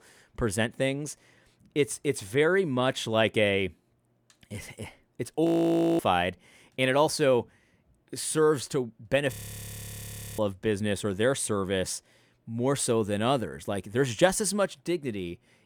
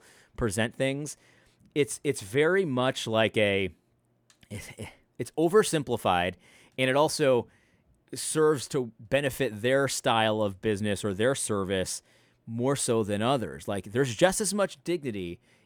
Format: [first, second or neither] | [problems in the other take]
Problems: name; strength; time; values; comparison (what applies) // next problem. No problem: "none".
second | audio freezing; at 5.5 s for 0.5 s and at 9.5 s for 1 s